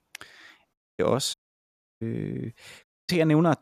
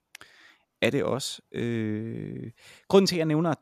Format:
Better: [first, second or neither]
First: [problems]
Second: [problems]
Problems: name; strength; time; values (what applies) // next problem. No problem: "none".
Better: second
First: audio cutting out; at 0.5 s, at 1.5 s for 0.5 s and at 3 s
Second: none